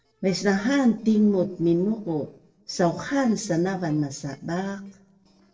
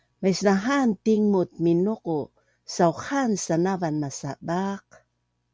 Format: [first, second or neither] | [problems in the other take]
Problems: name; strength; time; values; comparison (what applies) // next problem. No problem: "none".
second | noise reduction (neural separator model SepFormer DNS4)